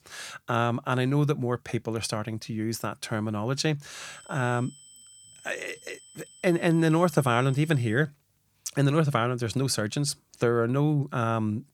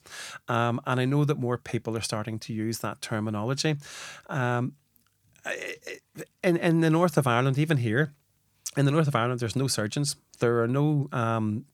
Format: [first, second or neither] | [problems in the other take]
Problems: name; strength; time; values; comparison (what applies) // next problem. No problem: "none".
second | high-pitched whine; faint; from 4 to 8 s; 8 kHz, 20 dB below the speech